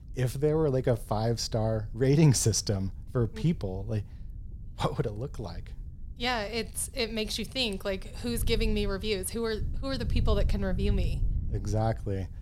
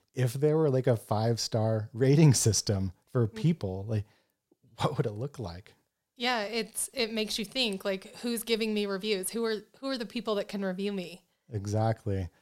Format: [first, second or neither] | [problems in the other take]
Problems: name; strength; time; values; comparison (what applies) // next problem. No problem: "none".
second | wind noise on the microphone; occasional gusts; 20 dB below the speech